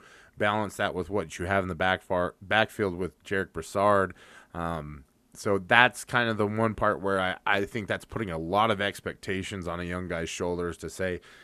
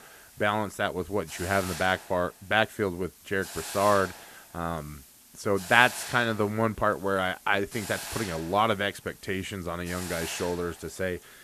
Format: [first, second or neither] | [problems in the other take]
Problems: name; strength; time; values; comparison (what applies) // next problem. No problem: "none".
first | hiss; noticeable; throughout; 10 dB below the speech